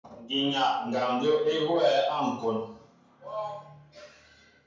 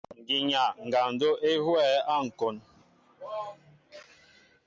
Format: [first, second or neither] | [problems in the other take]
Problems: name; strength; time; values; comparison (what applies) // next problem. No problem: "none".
second | room echo; dies away in 0.5 s